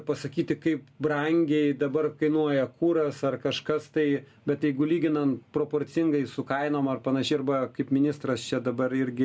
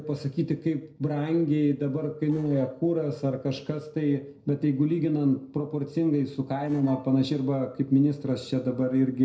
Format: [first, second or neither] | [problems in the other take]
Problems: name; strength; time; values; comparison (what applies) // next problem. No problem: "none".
first | noise reduction (neural separator model SepFormer DNS4)